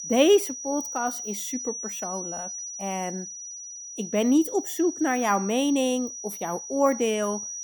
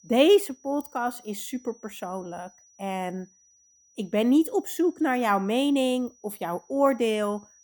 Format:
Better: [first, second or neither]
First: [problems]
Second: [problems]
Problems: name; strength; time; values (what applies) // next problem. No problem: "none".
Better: second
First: high-pitched whine; loud; throughout; 6 kHz, 8 dB below the speech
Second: high-pitched whine; faint; throughout; 6 kHz, 30 dB below the speech